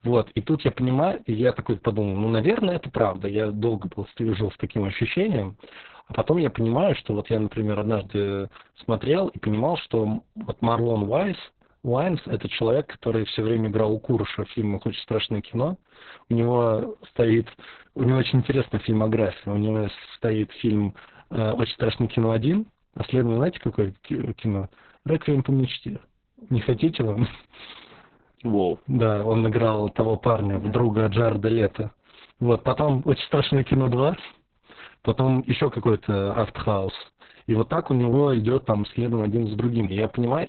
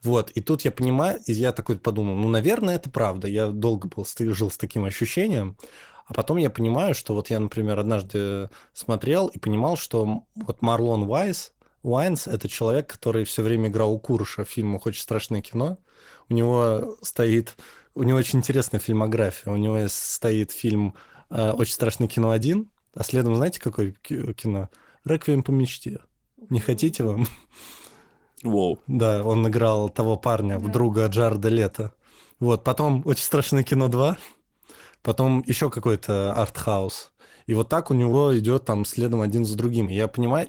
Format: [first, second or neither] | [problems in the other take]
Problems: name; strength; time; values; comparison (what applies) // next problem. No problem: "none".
second | garbled, watery; badly; nothing above 4 kHz; slightly in the second